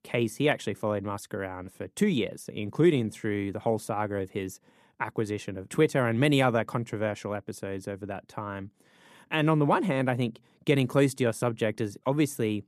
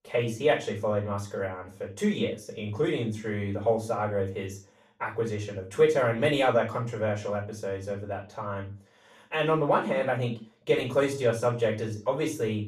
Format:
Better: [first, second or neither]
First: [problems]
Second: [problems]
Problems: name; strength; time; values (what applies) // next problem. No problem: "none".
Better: first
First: none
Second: room echo; slight; dies away in 0.3 s // off-mic speech; far